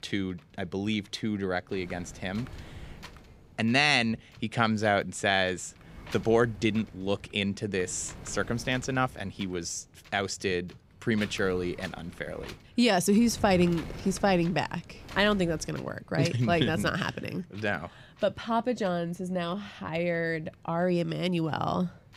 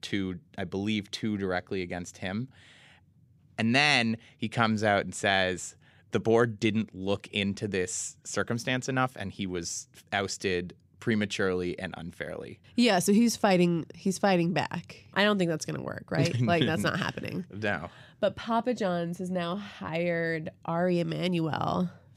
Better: second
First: wind noise on the microphone; occasional gusts; 20 dB below the speech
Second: none

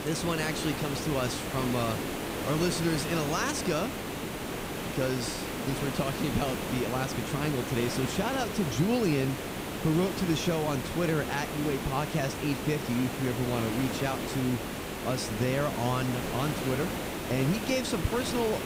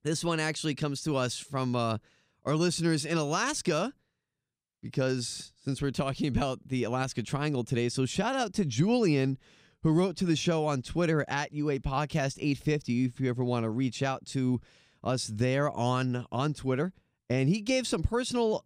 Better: second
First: hiss; loud; throughout; 3 dB below the speech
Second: none

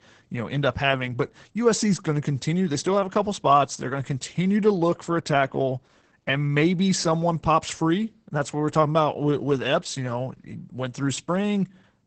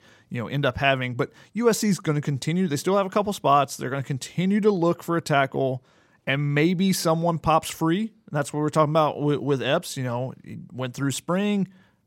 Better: second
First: garbled, watery; badly; nothing above 8 kHz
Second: none

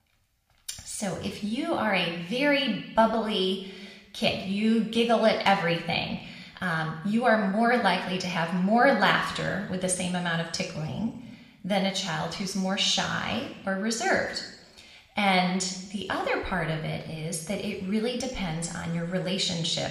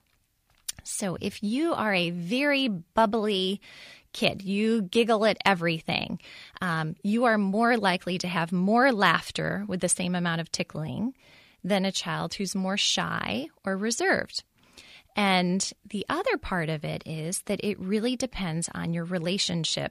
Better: second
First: room echo; slight; dies away in 1 s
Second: none

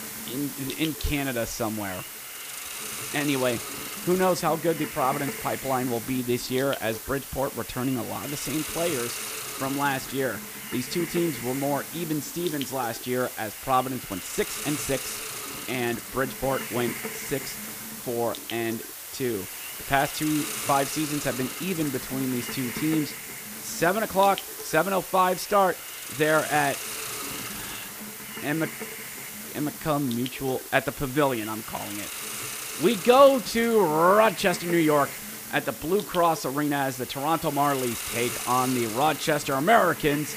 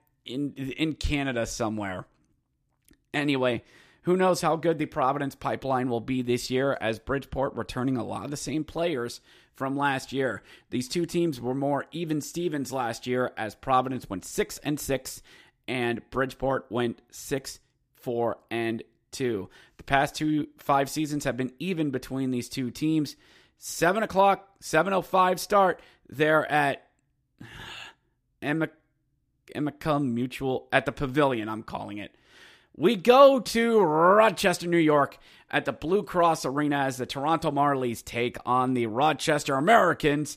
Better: second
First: hiss; loud; throughout; 7 dB below the speech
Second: none

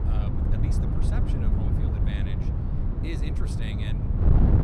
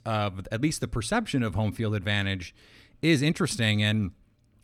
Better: second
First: wind noise on the microphone; heavy; 5 dB above the speech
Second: none

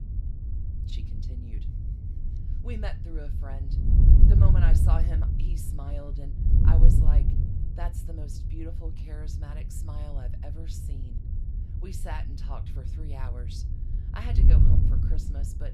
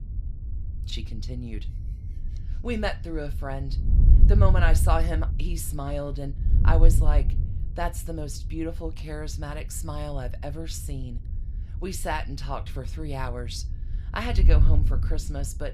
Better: second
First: wind noise on the microphone; heavy; as loud as the speech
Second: wind noise on the microphone; occasional gusts; 10 dB below the speech

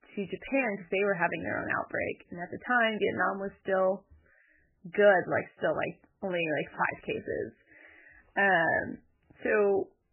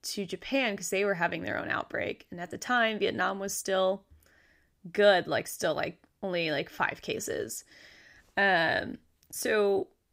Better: second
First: garbled, watery; badly; nothing above 3 kHz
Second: none

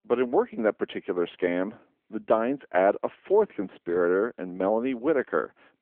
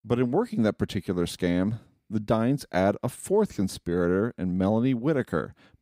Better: second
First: phone-call audio; nothing above 3.5 kHz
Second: none

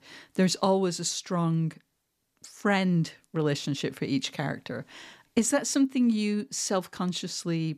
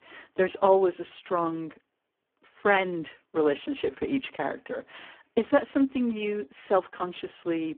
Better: first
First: none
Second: phone-call audio; poor line

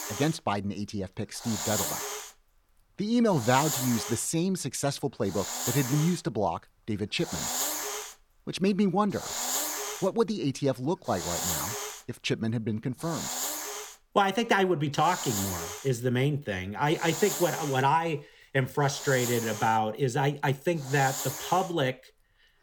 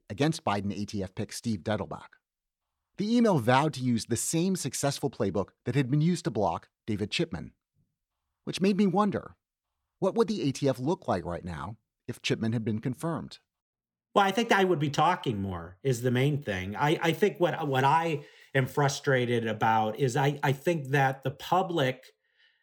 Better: second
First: hiss; loud; throughout; 4 dB below the speech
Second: none

